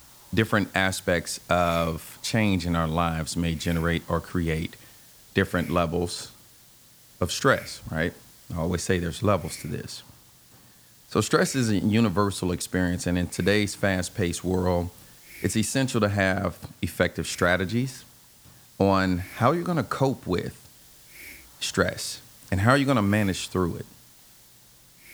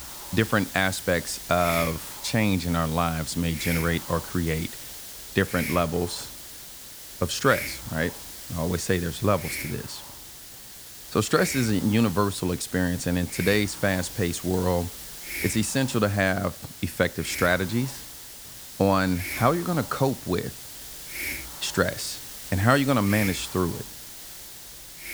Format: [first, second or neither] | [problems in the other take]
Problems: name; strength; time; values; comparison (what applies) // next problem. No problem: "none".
first | hiss; loud; throughout; 10 dB below the speech; faint in the first